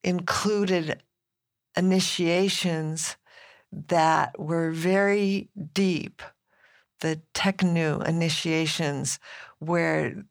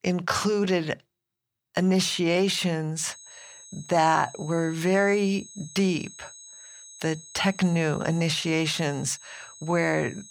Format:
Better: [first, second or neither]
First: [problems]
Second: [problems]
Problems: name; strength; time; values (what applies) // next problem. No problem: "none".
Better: first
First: none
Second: high-pitched whine; noticeable; from 3 s on; 6.5 kHz, 20 dB below the speech